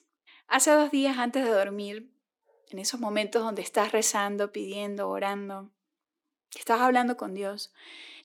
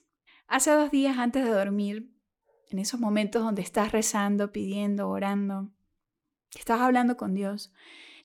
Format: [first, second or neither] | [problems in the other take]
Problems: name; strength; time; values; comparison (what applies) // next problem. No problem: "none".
second | thin; very slightly; fading below 300 Hz